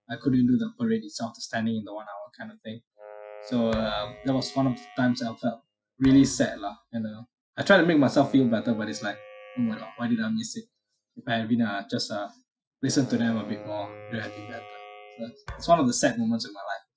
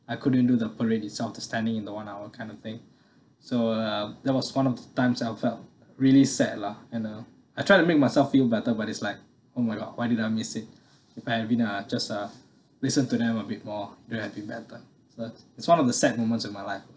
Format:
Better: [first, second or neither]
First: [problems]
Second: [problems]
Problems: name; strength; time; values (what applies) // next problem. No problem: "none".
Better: second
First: noise reduction (classical method Wiener filter)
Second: none